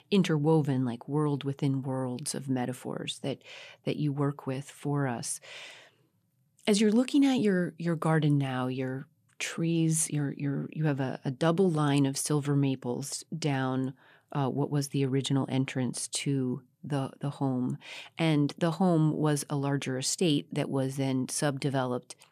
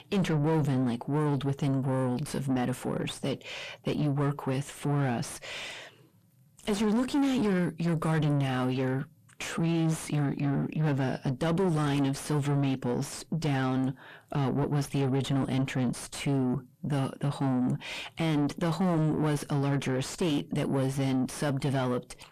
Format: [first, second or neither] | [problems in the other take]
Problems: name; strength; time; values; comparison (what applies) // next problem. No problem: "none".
first | distortion; heavy; 6 dB below the speech